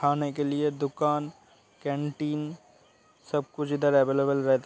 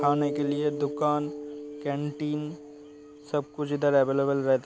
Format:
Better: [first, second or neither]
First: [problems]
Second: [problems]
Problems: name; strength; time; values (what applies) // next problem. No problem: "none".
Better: first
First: none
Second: background sound (Mallet percussion); 9 dB below the speech